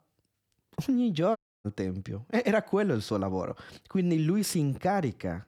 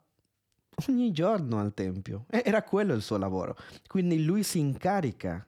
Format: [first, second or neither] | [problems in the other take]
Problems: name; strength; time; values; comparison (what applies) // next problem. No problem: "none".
second | audio cutting out; at 1.5 s